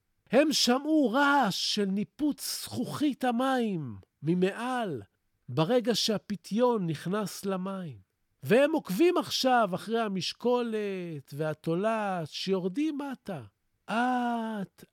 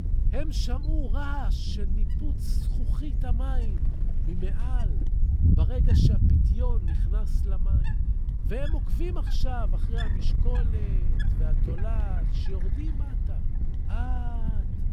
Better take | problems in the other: first | wind noise on the microphone; heavy; 2 dB below the speech

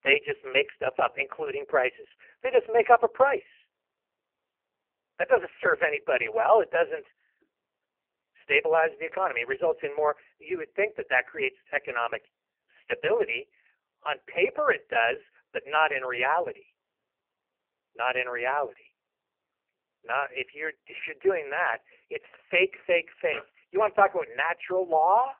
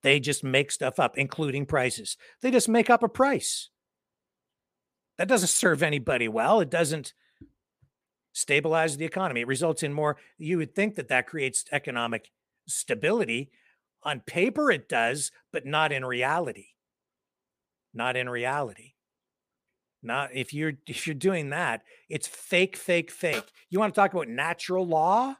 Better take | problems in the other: second | phone-call audio; poor line; nothing above 3 kHz

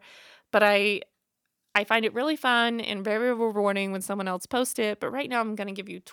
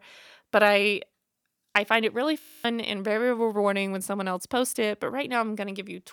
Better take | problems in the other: first | audio freezing; at 2.5 s

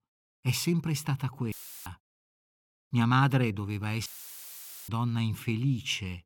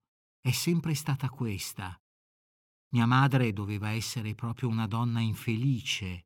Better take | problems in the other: second | audio cutting out; filled with static; at 1.5 s and at 4 s for 1 s

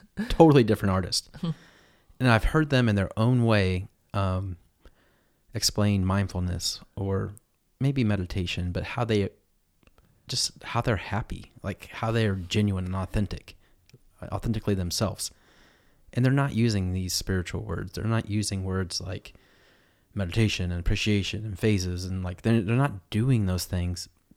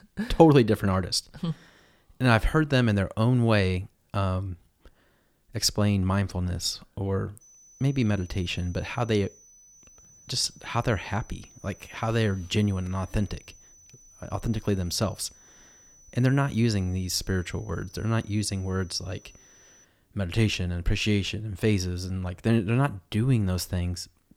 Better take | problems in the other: first | high-pitched whine; faint; from 7.5 to 20 s; 6 kHz, 25 dB below the speech

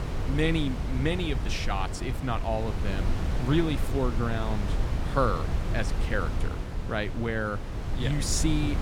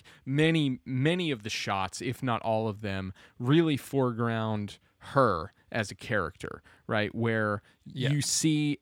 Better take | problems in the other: second | wind noise on the microphone; heavy; 8 dB below the speech

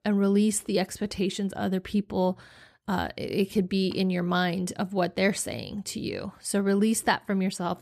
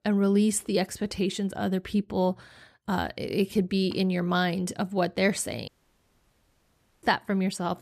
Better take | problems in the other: first | audio cutting out; at 5.5 s for 1.5 s

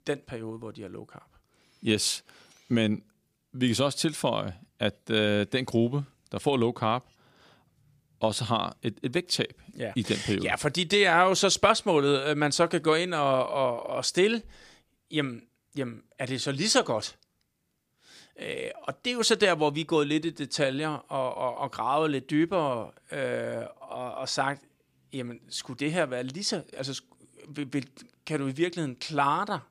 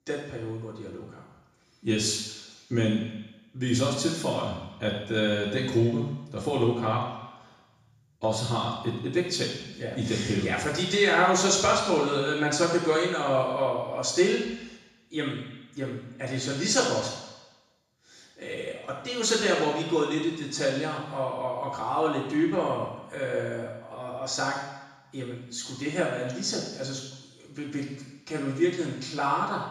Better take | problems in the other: first | room echo; noticeable; dies away in 1 s // off-mic speech; far

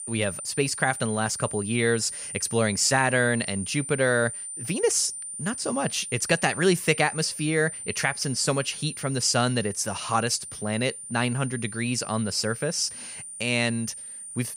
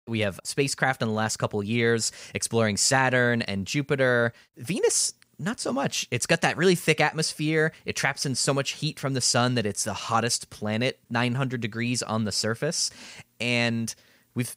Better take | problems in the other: second | high-pitched whine; loud; throughout; 9 kHz, 9 dB below the speech

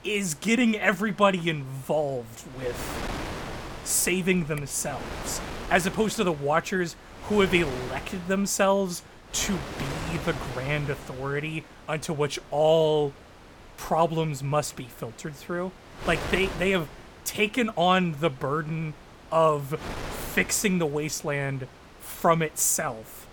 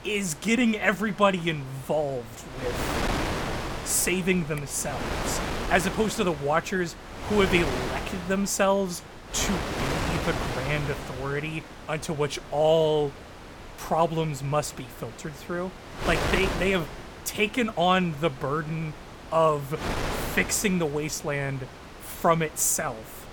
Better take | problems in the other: first | wind noise on the microphone; heavy; 8 dB below the speech; occasional gusts in the first

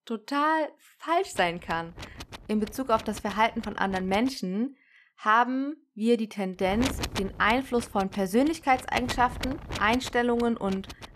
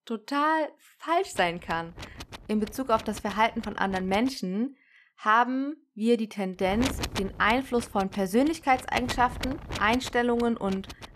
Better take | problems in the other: neither | wind noise on the microphone; occasional gusts; from 1.5 to 4.5 s and from 6.5 s on; 15 dB below the speech; the same in both

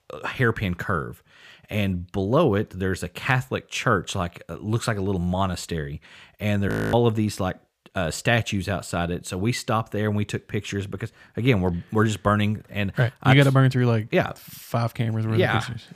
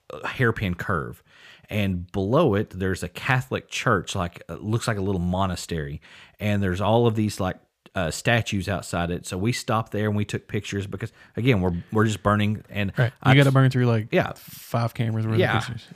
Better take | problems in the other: second | audio freezing; at 6.5 s

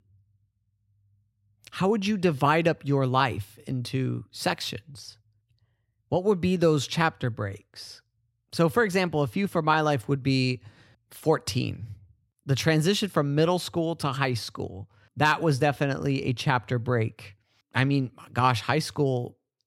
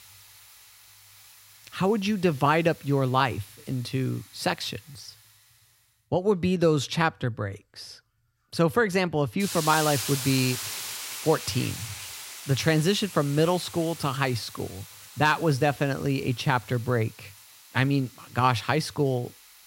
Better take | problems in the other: first | hiss; noticeable; throughout; 10 dB below the speech

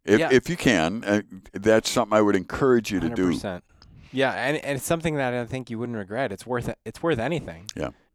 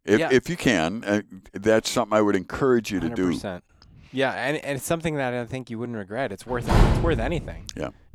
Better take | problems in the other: first | door banging; loud; at 6.5 s; peak 5 dB above the speech

